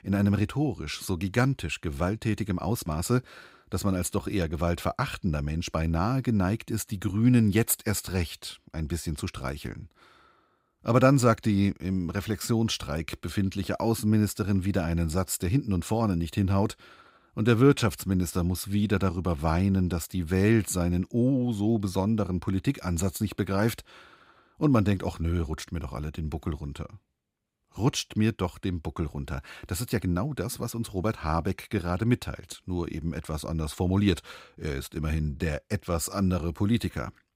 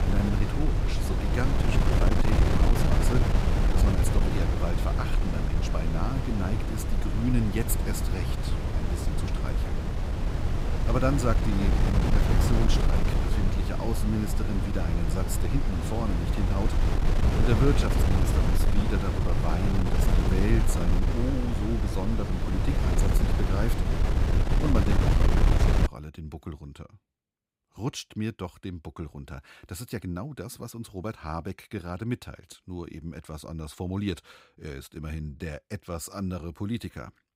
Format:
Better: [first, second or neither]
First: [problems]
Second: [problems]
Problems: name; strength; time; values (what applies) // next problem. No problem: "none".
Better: first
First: none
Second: wind noise on the microphone; heavy; until 26 s; 2 dB above the speech